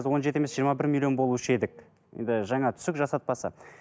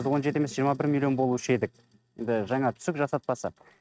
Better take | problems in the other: first | noise reduction (neural mask model RNNoise)

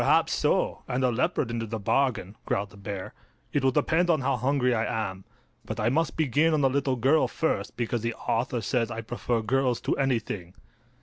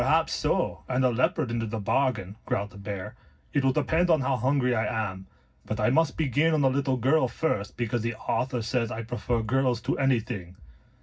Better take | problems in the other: first | room echo; dies away in 0.4 s

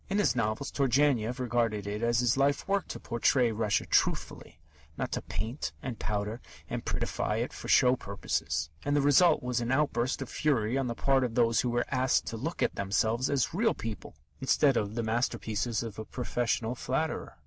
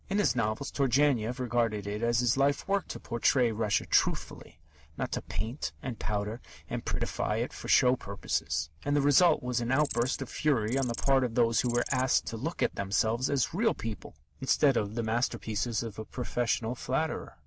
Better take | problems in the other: first | background sound (Insect); 14 dB below the speech

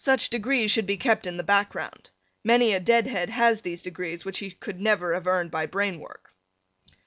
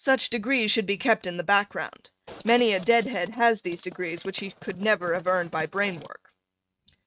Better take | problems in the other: first | noise reduction (neural mask model RNNoise)

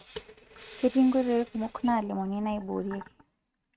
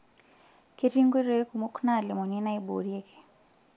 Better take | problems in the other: second | noise reduction (neural mask model RNNoise)

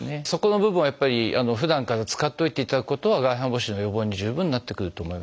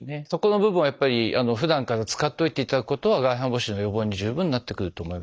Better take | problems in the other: first | noise reduction (neural mask model DeepFilterNet 3)

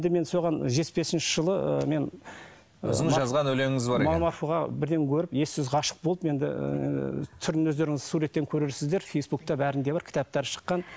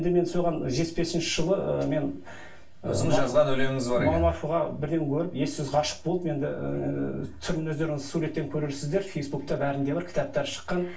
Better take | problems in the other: first | room echo; dies away in 0.3 s

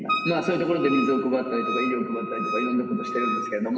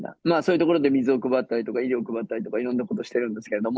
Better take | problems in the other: second | background sound (Wind instrument, woodwind instrument); 5 dB below the speech // room echo; dies away in 2.1 s

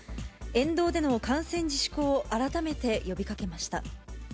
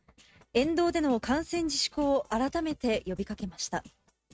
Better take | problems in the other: first | noise reduction (neural mask model RNNoise)

